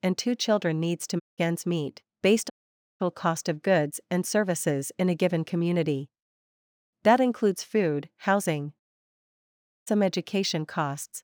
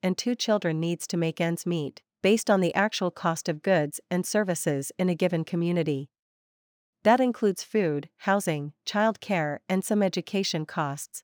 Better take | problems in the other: second | audio cutting out; at 1 s, at 2.5 s for 0.5 s and at 9 s for 1 s

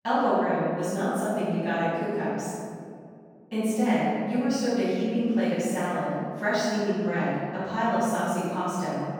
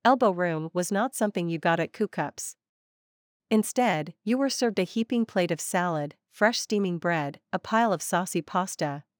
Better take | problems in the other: second | off-mic speech; far // room echo; strong; dies away in 2.2 s

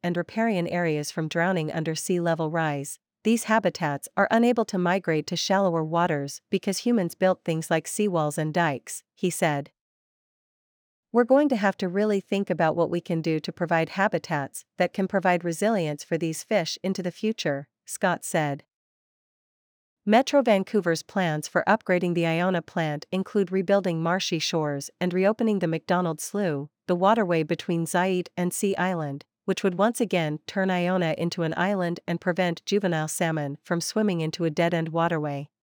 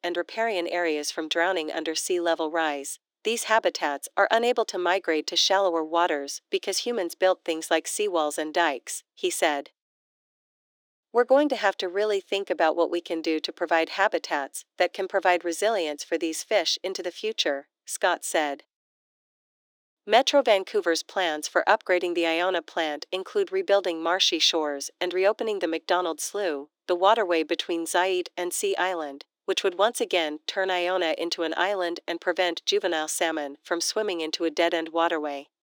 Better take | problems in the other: first | thin; very; fading below 300 Hz

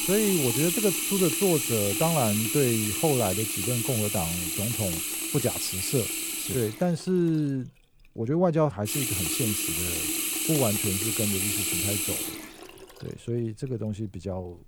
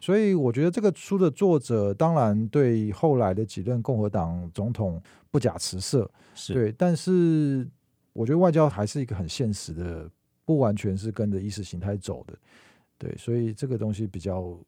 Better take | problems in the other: second | household noises; very loud; throughout; 2 dB above the speech

